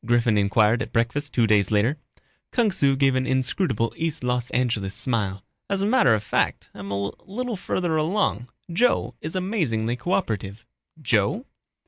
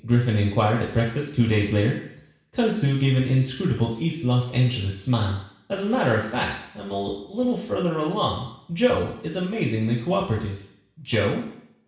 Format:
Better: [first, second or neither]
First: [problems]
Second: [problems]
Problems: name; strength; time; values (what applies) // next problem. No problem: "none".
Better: first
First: none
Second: room echo; dies away in 0.7 s